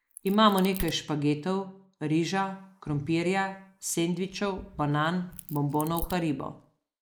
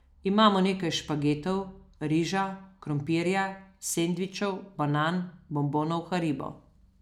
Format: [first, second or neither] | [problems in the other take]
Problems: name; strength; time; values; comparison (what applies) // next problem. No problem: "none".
second | noise reduction (neural mask model Resemble Enhance denoiser)